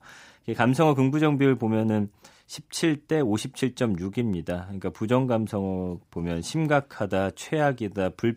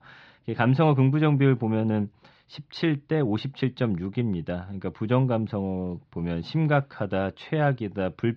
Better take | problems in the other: first | muffled; very slightly; fading above 4.5 kHz

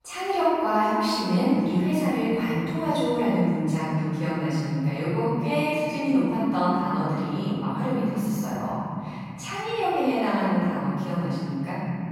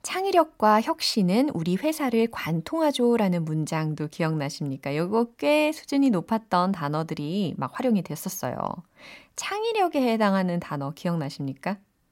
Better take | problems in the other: second | off-mic speech; far // room echo; strong; dies away in 3 s

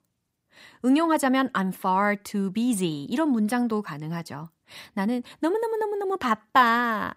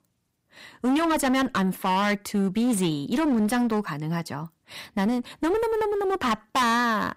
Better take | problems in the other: first | distortion; heavy; 20% of the sound clipped

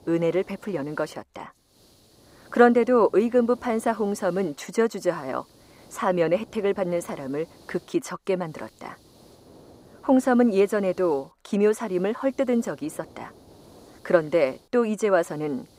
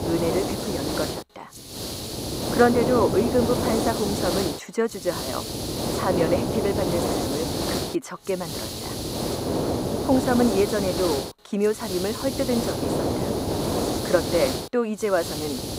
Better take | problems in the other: first | hiss; loud; throughout; 1 dB below the speech; faint in the first

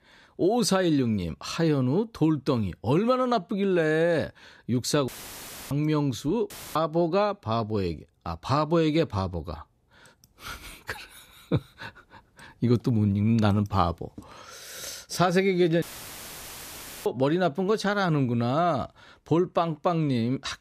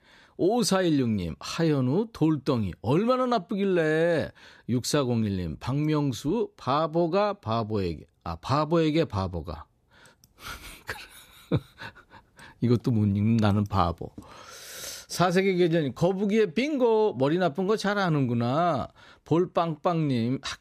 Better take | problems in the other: second | audio cutting out; filled with static; at 5 s for 0.5 s, at 6.5 s and at 16 s for 1 s

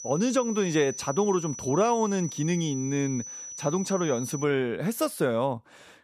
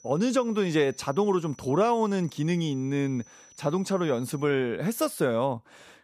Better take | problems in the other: second | high-pitched whine; loud; until 4.5 s; 6 kHz, 10 dB below the speech; faint in the second

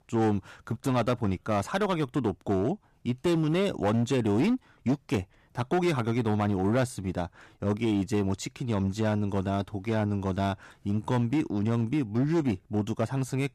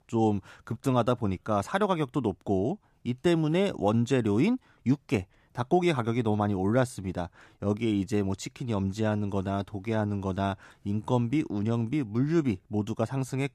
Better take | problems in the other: second | distortion; slight; 8% of the sound clipped

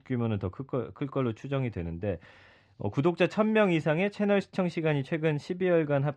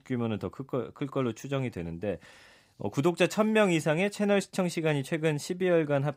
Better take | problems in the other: second | muffled; slightly; fading above 3.5 kHz

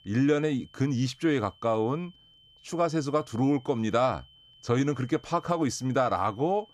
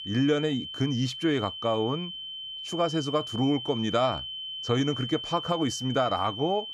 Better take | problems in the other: first | high-pitched whine; loud; throughout; 3 kHz, 7 dB below the speech; faint in the first

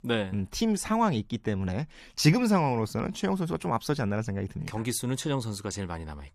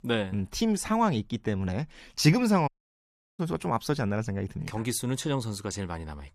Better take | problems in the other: first | audio cutting out; at 2.5 s for 0.5 s

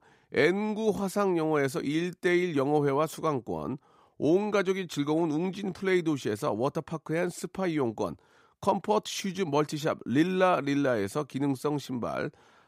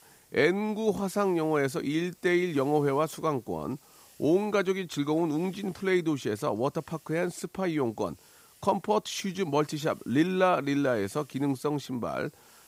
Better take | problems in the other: first | hiss; faint; throughout; 30 dB below the speech

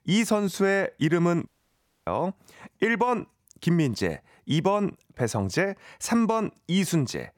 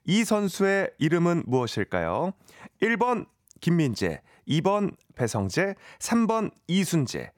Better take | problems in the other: second | audio cutting out; at 1.5 s for 0.5 s

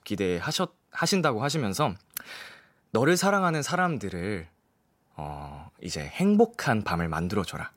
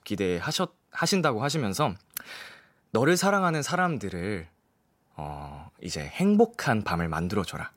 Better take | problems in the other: neither | none

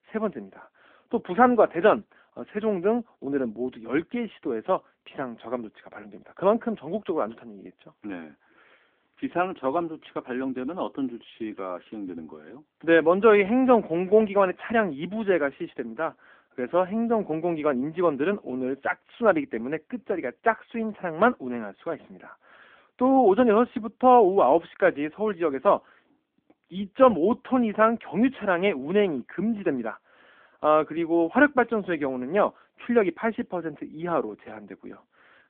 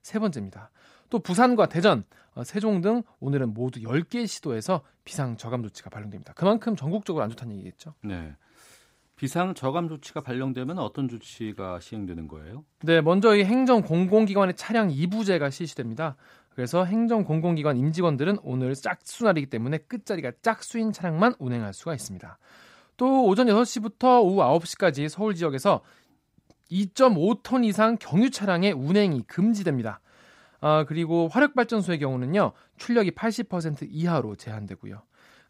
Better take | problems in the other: second | phone-call audio; nothing above 3.5 kHz

